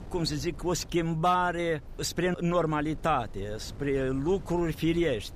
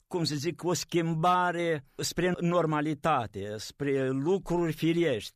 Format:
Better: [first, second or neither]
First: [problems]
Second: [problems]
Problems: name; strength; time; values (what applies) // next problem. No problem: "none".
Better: second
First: wind noise on the microphone; occasional gusts; 25 dB below the speech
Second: none